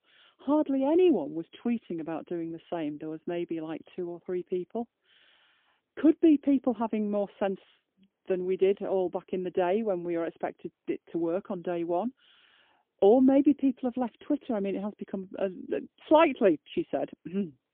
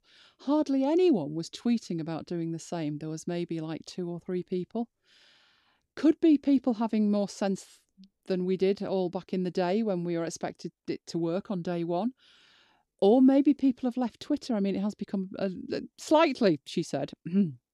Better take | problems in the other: second | phone-call audio; poor line; nothing above 3.5 kHz

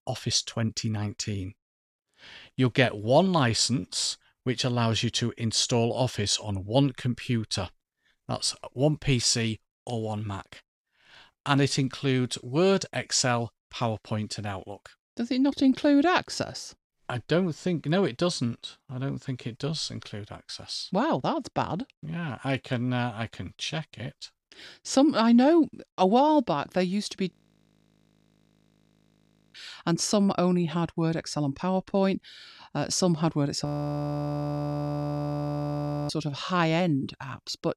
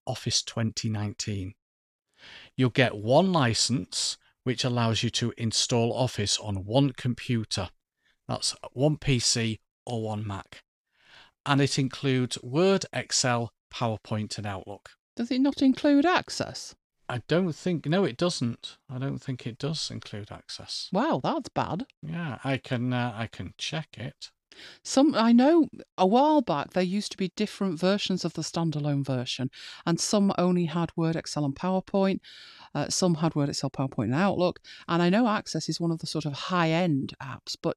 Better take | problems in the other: second | audio freezing; at 27 s for 2 s and at 34 s for 2.5 s

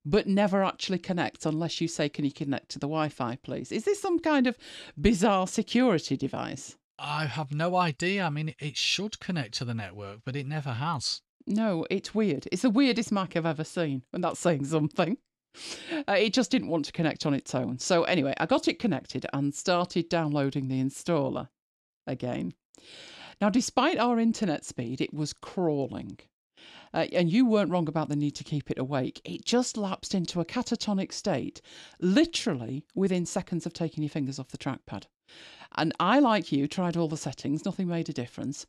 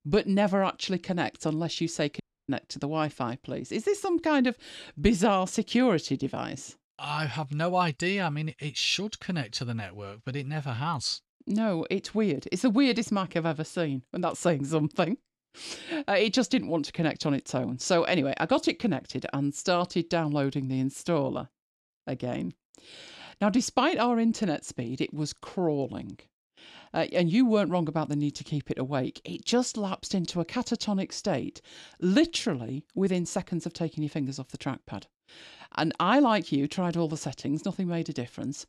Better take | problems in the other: first | audio cutting out; at 2 s

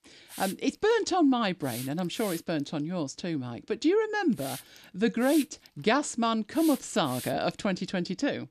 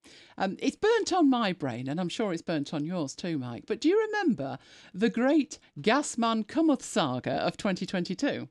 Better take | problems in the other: second | hiss; noticeable; throughout; 15 dB below the speech

